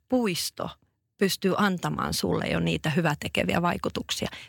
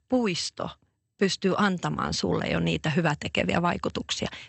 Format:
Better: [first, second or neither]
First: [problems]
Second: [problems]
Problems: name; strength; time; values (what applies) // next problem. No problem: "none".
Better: first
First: none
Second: garbled, watery; slightly; nothing above 8 kHz